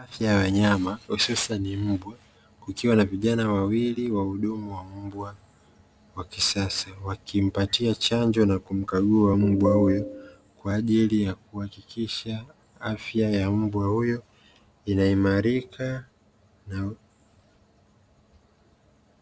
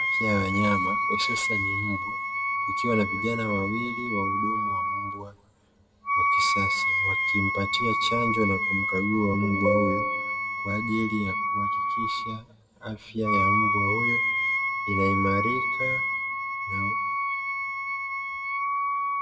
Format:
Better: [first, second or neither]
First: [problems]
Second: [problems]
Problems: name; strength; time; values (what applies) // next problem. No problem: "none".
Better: first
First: none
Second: background sound (Wind instrument, woodwind instrument); 3 dB above the speech // room echo; dies away in 1.4 s